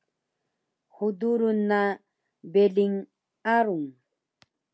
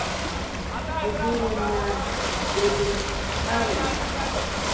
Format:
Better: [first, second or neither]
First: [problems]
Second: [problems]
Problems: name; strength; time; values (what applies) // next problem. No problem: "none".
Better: first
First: none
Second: background sound (Ocean / Boat, Water vehicle); 4 dB above the speech // room echo; dies away in 1 s